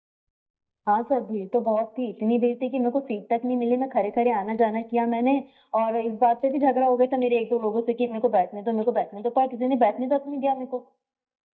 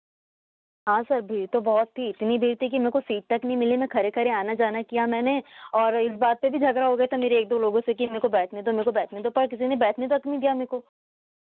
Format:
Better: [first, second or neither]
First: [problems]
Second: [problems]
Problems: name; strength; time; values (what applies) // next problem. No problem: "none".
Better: second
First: noise reduction (neural mask model DeepFilterNet 3)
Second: none